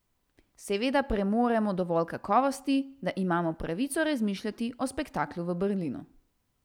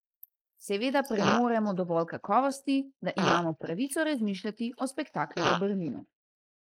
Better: first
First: none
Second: noise reduction (neural mask model Resemble Enhance denoiser)

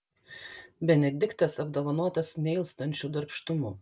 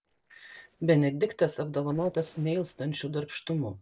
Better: first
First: none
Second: noise reduction (neural separator model SepFormer DNS4)

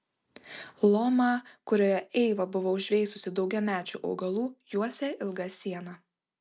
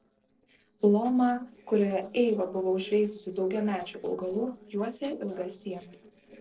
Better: first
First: none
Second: noise reduction (neural separator model SepFormer DNS4)

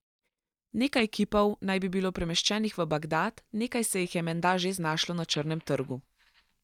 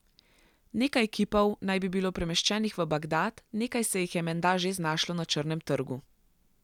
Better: second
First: noise reduction (neural mask model DeepFilterNet 3)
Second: none

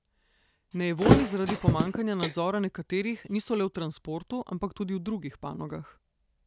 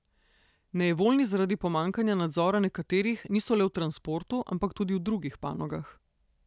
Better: second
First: background sound (Thump, thud); 3 dB above the speech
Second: none

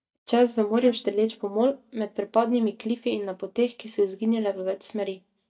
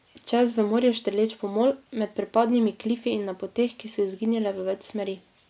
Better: second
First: noise reduction (neural mask model DeepFilterNet 3)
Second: none

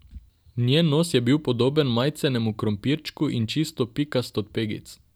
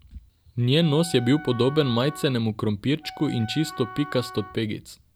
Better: first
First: none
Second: background sound (Wind instrument, woodwind instrument); 16 dB below the speech

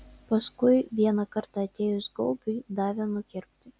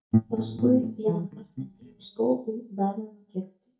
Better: first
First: none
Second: noise reduction (neural mask model DeepFilterNet 3)

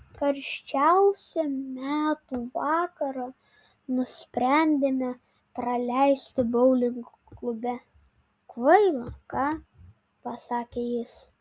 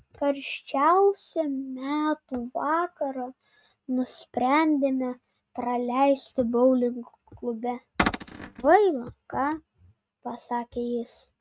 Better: first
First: none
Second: noise reduction (neural mask model RNNoise)

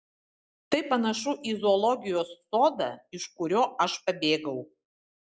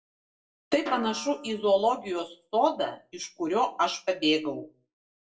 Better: first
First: none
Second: background sound (Snare drum); 14 dB below the speech // room echo; dies away in 0.2 s

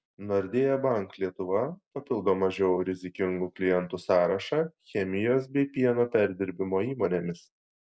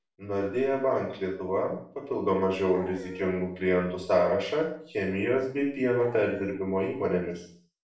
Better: first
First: none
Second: background sound (Dog); 14 dB below the speech // room echo; dies away in 0.5 s

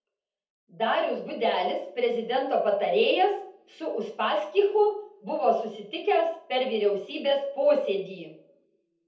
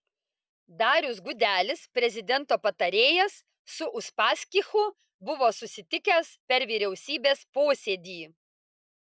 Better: second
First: room echo; dies away in 0.6 s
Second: none

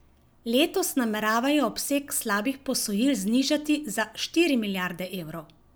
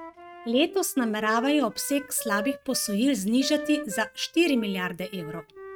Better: first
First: none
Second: noise reduction (neural mask model RNNoise)

